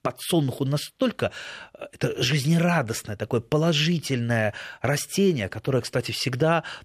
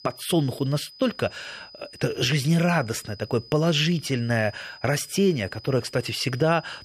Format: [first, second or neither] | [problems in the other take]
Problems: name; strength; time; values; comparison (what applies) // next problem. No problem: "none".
first | high-pitched whine; noticeable; throughout; 5 kHz, 20 dB below the speech